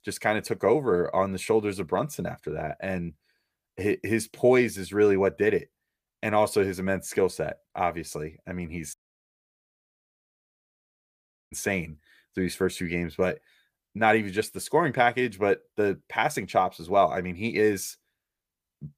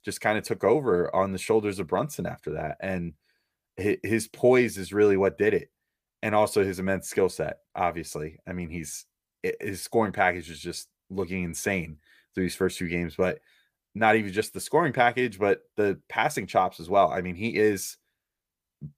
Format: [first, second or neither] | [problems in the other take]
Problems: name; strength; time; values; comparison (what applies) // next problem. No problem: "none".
second | audio cutting out; at 9 s for 2.5 s